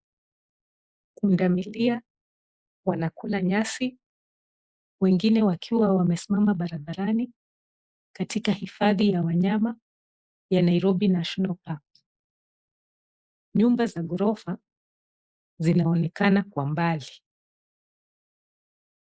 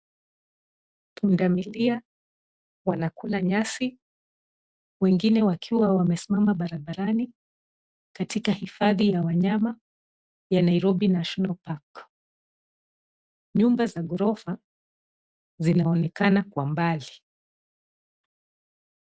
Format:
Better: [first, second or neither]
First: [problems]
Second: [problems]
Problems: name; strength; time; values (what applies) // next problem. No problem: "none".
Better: second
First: noise reduction (neural mask model Resemble Enhance denoiser)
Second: none